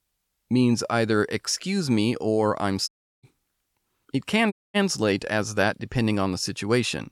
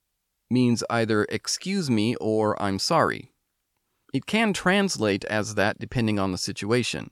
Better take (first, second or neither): second